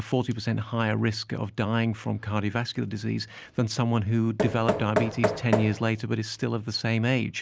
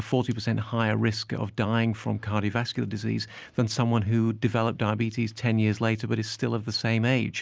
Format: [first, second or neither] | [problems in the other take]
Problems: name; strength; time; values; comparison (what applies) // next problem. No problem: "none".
second | background sound (Knock); 4 dB below the speech